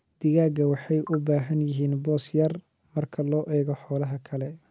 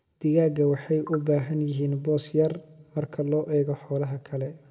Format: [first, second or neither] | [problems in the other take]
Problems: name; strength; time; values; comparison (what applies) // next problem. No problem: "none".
first | room echo; dies away in 0.9 s